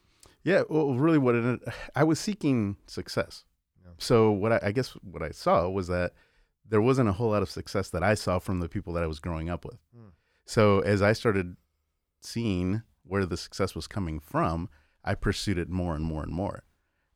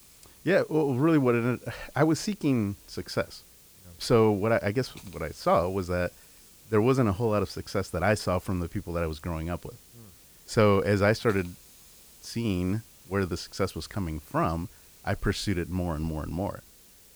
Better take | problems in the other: first | hiss; faint; throughout; 25 dB below the speech

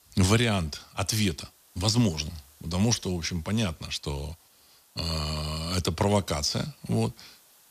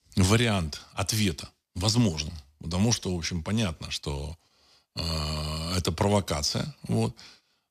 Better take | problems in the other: second | hiss; faint; throughout; 30 dB below the speech

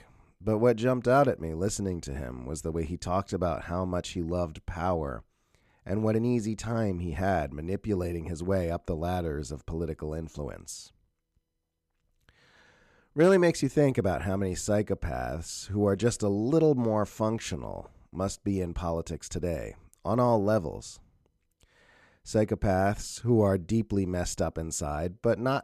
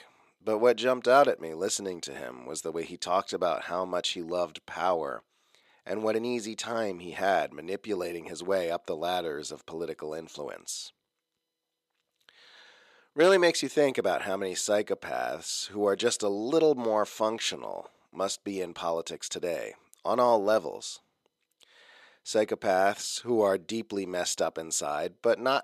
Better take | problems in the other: first | thin; somewhat; fading below 400 Hz

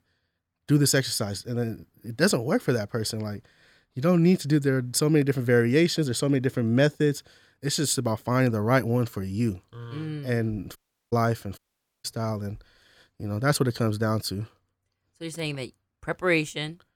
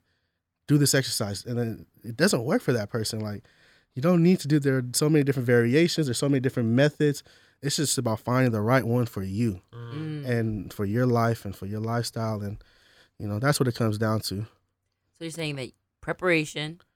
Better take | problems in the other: second | audio cutting out; at 11 s and at 12 s

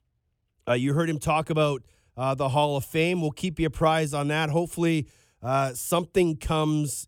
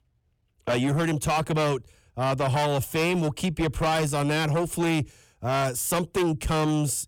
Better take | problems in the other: first | distortion; heavy; 7 dB below the speech

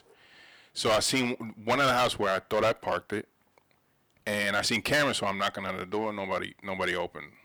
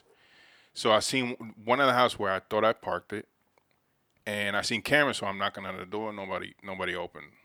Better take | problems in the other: second | distortion; heavy; 5% of the sound clipped

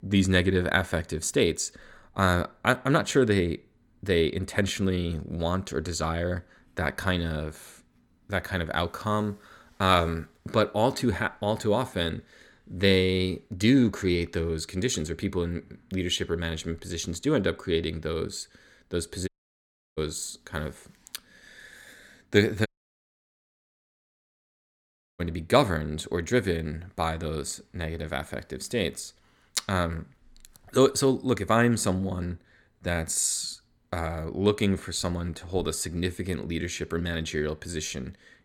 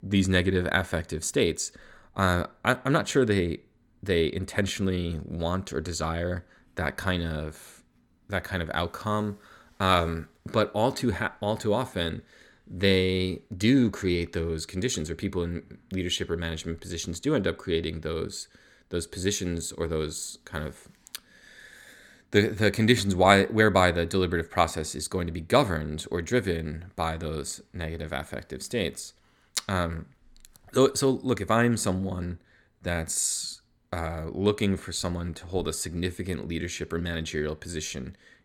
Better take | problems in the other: second | audio cutting out; at 19 s for 0.5 s and at 23 s for 2.5 s

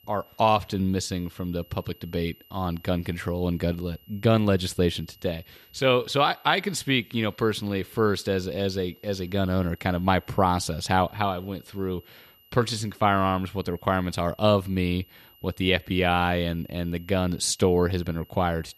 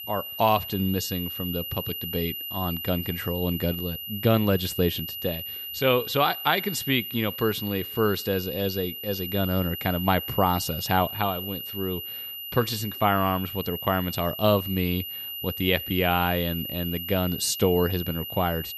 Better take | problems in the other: first | high-pitched whine; loud; throughout; 3 kHz, 6 dB below the speech; faint in the first

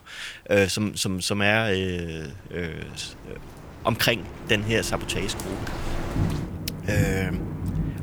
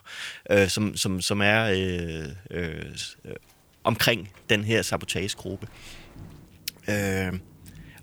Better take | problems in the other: second | rain or running water; loud; throughout; 6 dB below the speech; faint in the second

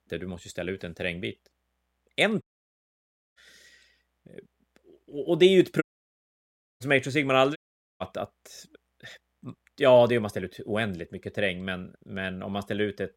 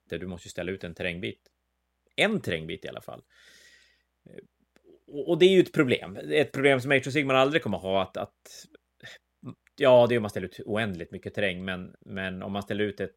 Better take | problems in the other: second | audio cutting out; at 2.5 s for 1 s, at 6 s for 1 s and at 7.5 s

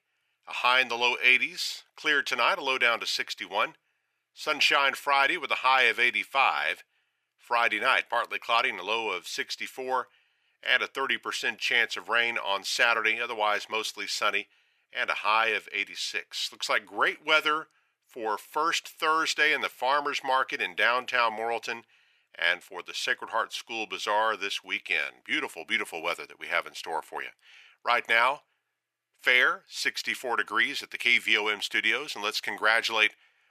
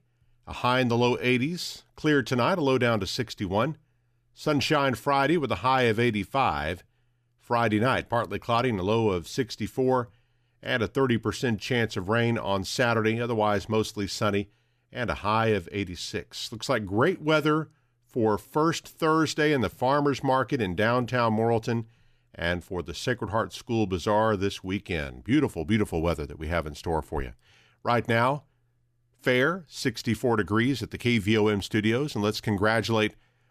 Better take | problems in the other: second | thin; very; fading below 750 Hz

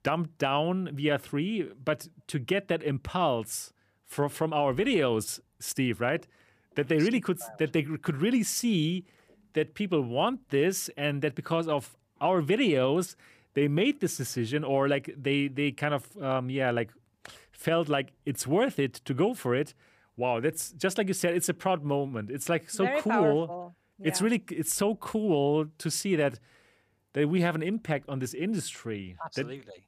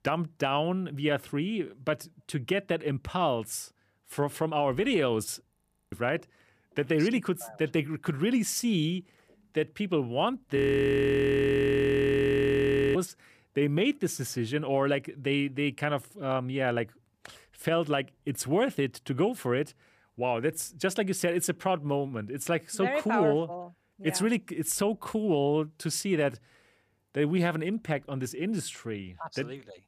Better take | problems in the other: first | audio freezing; at 5.5 s and at 11 s for 2.5 s

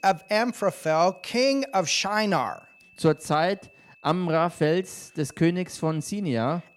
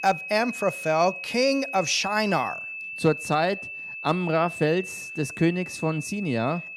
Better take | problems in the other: first | high-pitched whine; loud; throughout; 2.5 kHz, 8 dB below the speech; faint in the first

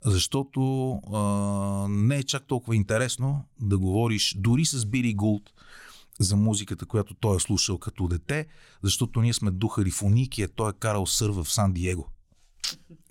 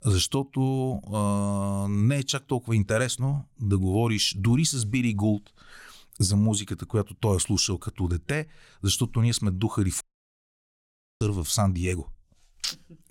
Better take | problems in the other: first | audio cutting out; at 10 s for 1 s

